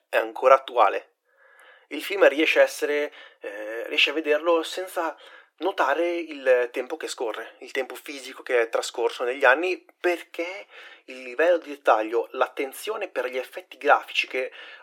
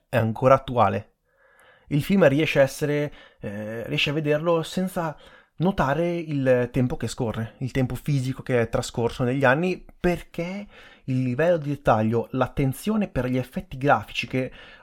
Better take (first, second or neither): second